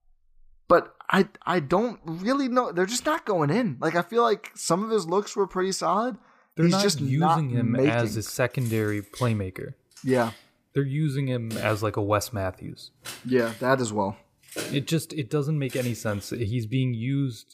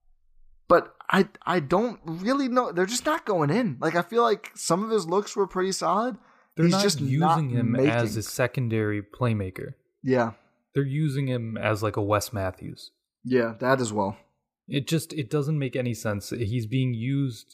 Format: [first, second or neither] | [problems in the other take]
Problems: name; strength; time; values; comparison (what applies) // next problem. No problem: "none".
second | jangling keys; noticeable; from 8.5 to 16 s; peak 9 dB below the speech